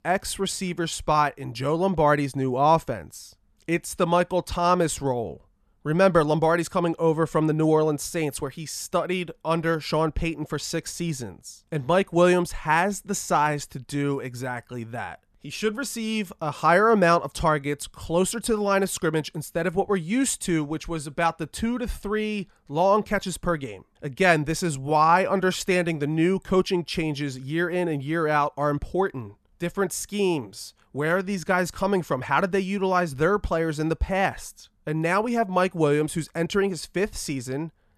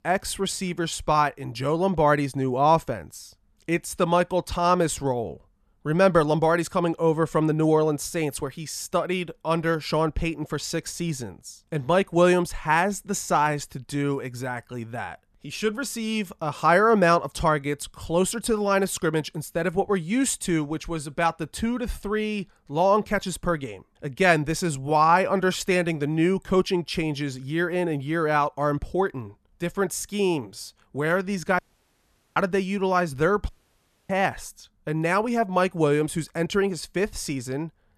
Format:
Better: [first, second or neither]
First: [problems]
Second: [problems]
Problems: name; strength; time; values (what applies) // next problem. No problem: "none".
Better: first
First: none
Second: audio cutting out; at 32 s for 1 s and at 33 s for 0.5 s